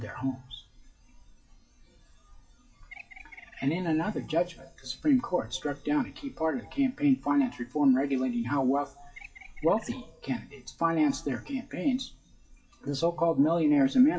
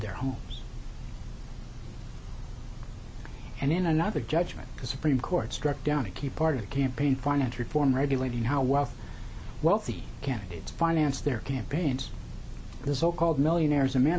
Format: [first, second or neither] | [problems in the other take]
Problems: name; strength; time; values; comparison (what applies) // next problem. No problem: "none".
second | noise reduction (classical method WPE with log-MMSE)